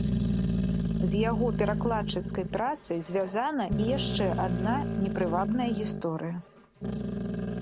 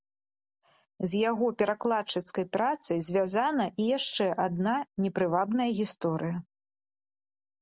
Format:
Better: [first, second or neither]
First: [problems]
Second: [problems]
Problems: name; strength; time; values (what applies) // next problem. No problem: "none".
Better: second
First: background sound (Growling); as loud as the speech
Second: none